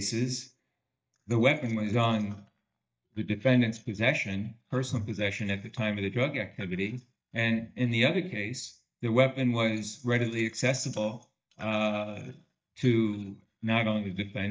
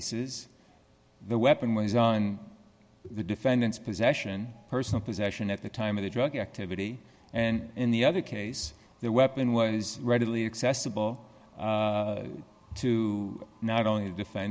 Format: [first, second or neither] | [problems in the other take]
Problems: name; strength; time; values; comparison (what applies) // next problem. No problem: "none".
second | noise reduction (neural mask model DeepFilterNet 3)